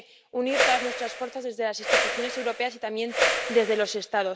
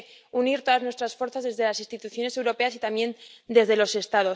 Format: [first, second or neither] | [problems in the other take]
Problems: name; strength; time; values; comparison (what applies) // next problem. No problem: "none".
second | background sound (Whoosh, swoosh, swish); as loud as the speech